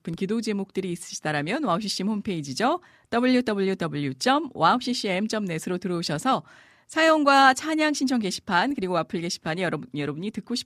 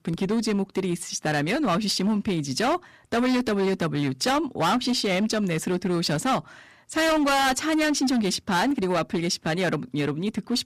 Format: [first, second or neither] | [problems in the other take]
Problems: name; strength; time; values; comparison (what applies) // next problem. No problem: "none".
first | distortion; heavy; 17% of the sound clipped